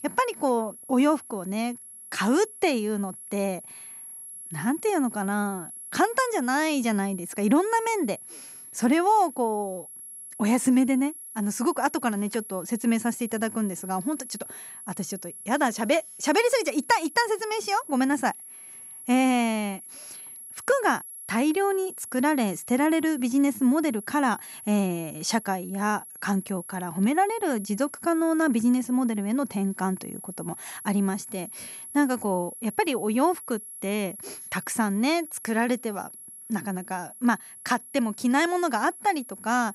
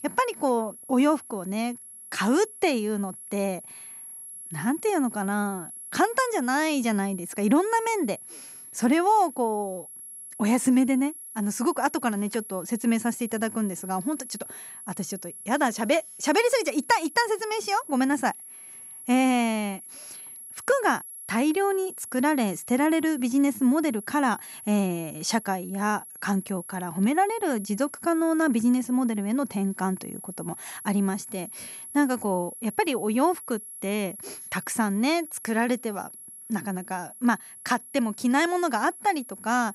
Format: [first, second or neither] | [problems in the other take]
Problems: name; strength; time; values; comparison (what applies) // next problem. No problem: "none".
neither | high-pitched whine; noticeable; throughout; 11 kHz, 15 dB below the speech; the same in both